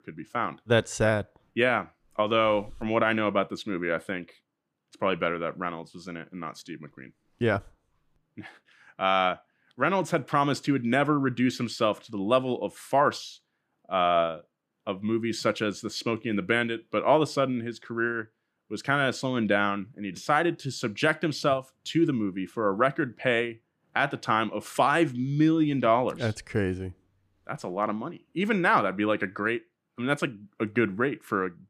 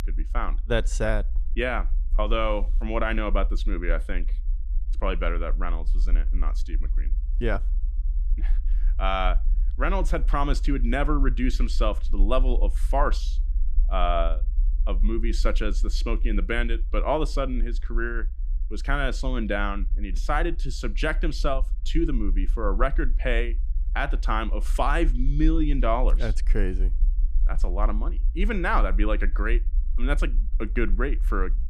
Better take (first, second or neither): first